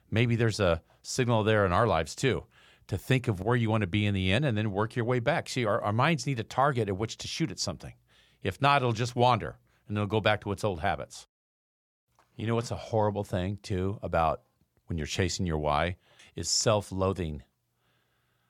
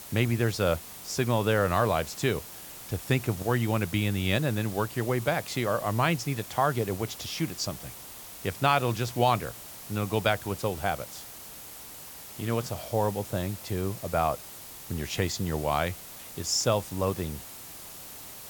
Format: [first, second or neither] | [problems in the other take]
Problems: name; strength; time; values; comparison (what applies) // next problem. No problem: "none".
first | hiss; noticeable; throughout; 10 dB below the speech